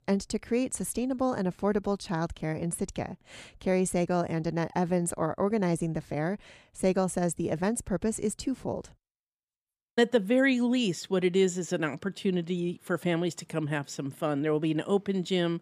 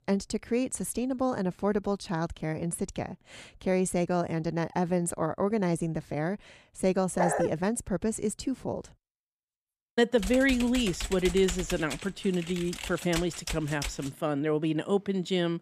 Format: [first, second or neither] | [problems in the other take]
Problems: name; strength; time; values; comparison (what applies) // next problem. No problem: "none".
first | dog barking; loud; at 7 s; peak level with the speech // keyboard typing; noticeable; from 10 to 14 s; peak 5 dB below the speech